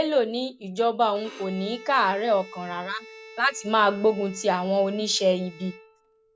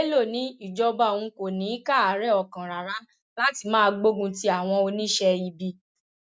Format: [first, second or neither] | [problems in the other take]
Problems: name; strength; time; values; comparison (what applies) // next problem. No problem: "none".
second | background sound (Bowed string instrument); 20 dB below the speech